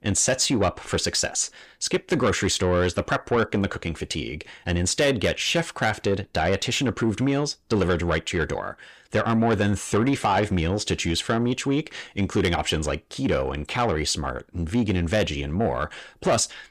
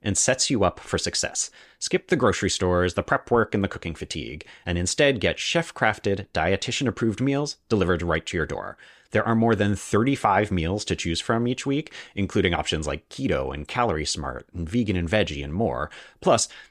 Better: second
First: distortion; slight; 10 dB below the speech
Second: none

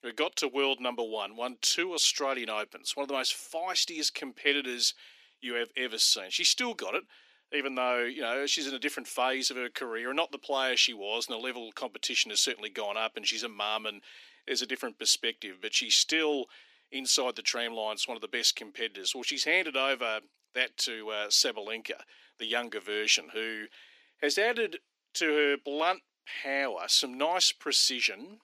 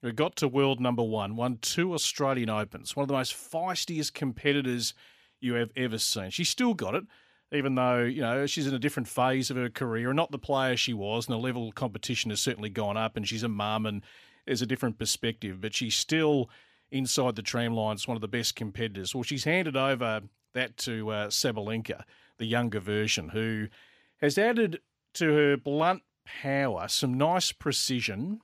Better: second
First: thin; somewhat; fading below 300 Hz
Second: none

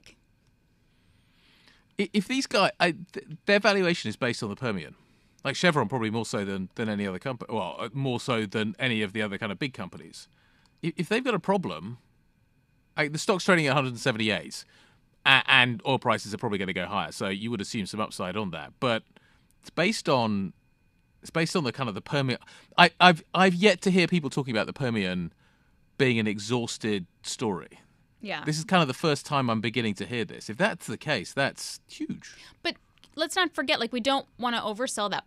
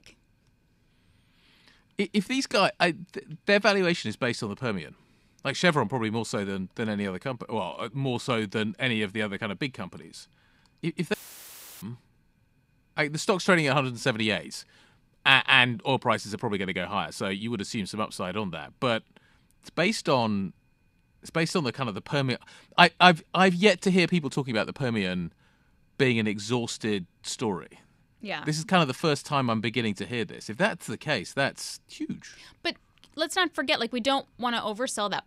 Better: first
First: none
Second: audio cutting out; filled with static; at 11 s for 0.5 s

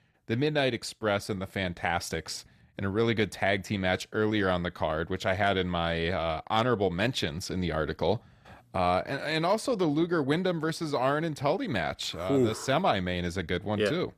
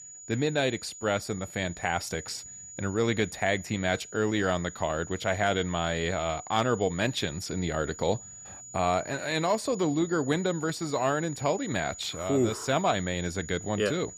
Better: first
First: none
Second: high-pitched whine; noticeable; throughout; 7 kHz, 15 dB below the speech

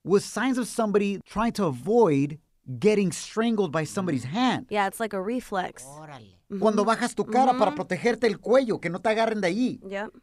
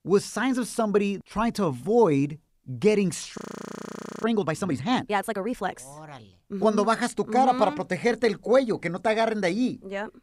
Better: first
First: none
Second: audio freezing; at 3.5 s for 1 s

